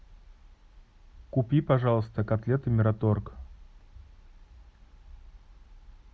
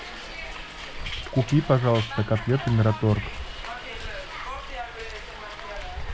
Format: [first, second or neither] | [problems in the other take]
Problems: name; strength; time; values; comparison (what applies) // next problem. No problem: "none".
first | background sound (Hiss); 8 dB below the speech